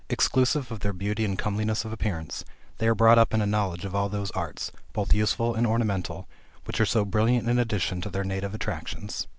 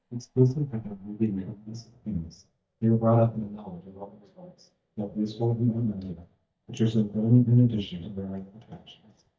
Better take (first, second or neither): first